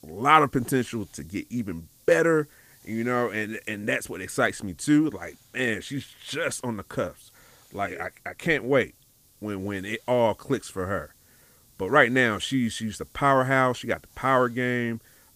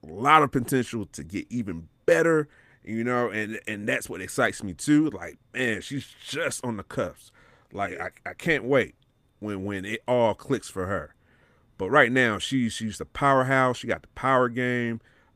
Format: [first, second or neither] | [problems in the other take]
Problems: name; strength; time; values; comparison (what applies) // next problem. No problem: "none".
second | hiss; faint; throughout; 30 dB below the speech